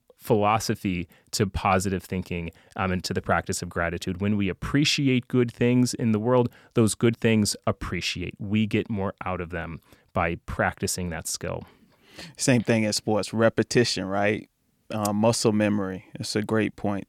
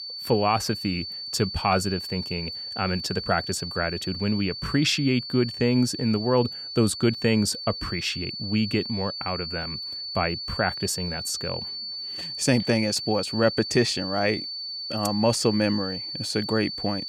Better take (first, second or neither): first